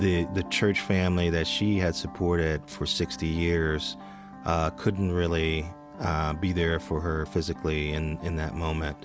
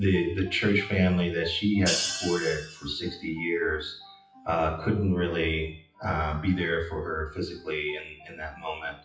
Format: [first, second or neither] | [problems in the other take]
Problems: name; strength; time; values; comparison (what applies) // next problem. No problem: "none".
first | noise reduction (classical method WPE with log-MMSE)